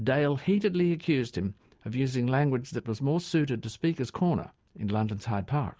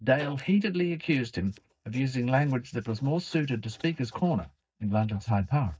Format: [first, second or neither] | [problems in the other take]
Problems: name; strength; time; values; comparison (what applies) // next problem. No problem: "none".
first | noise reduction (neural mask model DeepFilterNet 3)